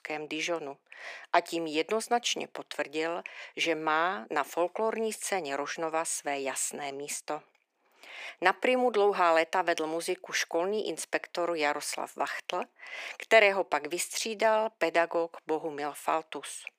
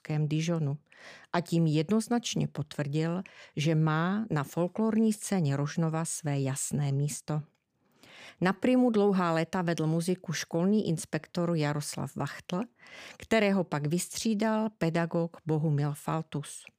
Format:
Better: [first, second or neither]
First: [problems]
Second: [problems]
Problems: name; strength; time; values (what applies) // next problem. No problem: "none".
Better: second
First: thin; very; fading below 350 Hz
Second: none